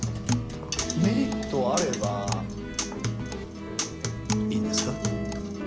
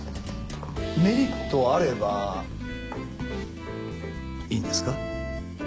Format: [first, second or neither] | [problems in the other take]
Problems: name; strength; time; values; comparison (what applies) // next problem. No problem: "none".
second | background sound (Acoustic guitar); 2 dB above the speech